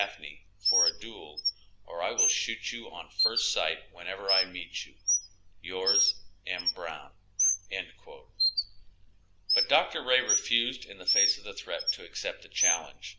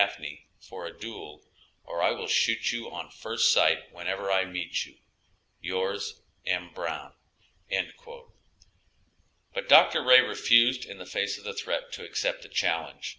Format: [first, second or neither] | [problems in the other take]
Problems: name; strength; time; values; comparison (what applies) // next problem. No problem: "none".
second | background sound (Bird); 3 dB above the speech